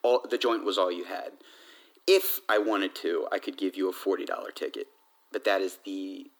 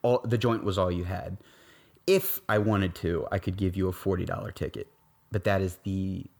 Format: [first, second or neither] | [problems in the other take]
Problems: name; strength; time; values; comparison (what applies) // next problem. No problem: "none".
second | thin; somewhat; fading below 300 Hz